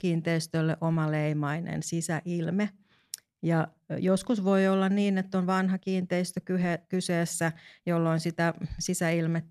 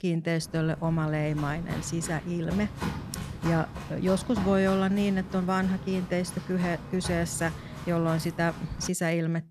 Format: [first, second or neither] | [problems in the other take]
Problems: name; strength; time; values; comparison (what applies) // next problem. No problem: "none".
first | footsteps; noticeable; until 9 s; peak 5 dB below the speech